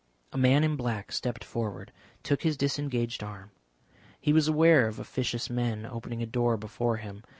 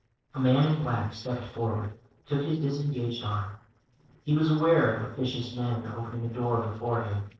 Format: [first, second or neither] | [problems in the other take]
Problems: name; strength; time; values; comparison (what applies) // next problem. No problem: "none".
first | noise reduction (neural separator model SepFormer DNS4)